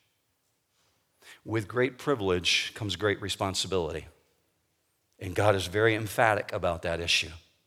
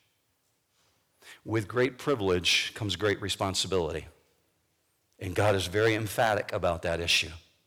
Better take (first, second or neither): first